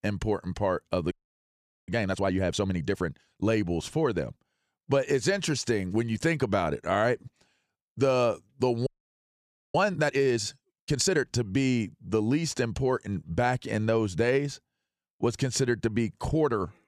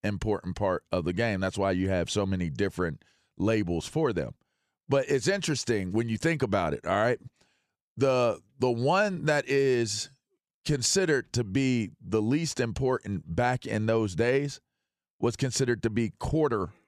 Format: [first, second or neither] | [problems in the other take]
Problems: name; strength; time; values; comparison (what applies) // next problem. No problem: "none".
second | audio freezing; at 1 s for 1 s and at 9 s for 1 s